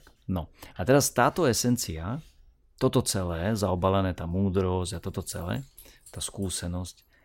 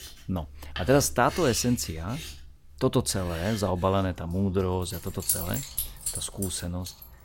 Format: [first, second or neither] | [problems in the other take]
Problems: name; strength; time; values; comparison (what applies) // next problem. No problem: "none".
first | household noises; loud; throughout; 7 dB below the speech; faint in the first